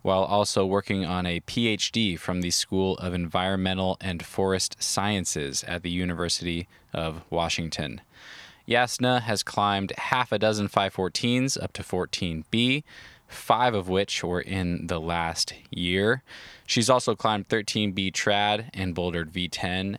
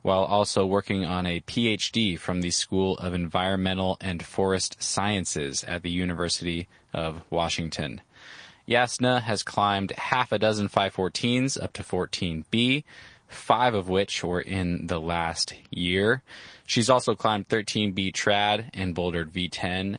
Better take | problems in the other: first | garbled, watery; slightly; nothing above 9.5 kHz

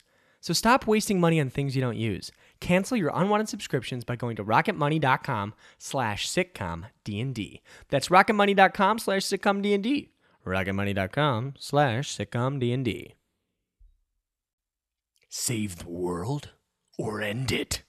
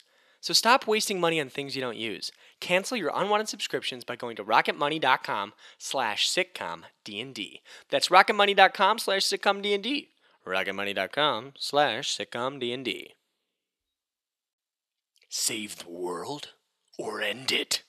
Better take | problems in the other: first | thin; somewhat; fading below 350 Hz

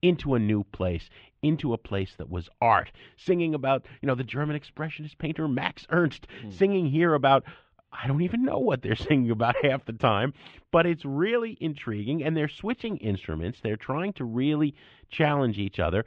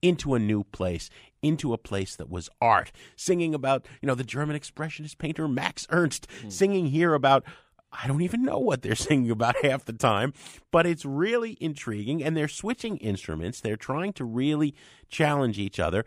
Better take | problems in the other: second | muffled; very; fading above 3 kHz

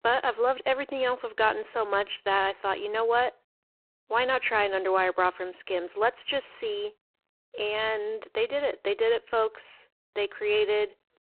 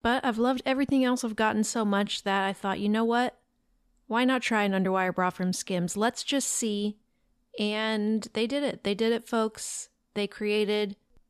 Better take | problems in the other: second | phone-call audio; poor line

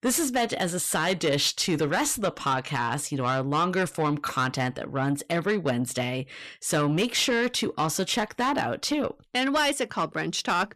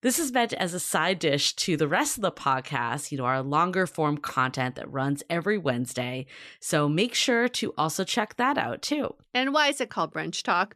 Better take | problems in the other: second | distortion; slight; 10 dB below the speech

